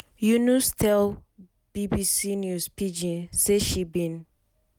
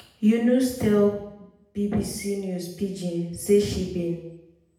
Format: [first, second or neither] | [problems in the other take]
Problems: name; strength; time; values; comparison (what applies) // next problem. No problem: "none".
first | room echo; dies away in 0.8 s